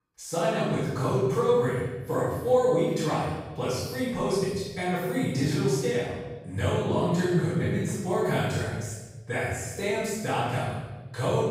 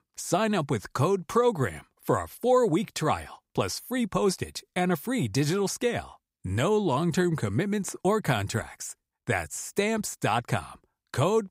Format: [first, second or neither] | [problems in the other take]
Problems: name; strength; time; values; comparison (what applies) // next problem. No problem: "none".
second | off-mic speech; far // room echo; strong; dies away in 1.1 s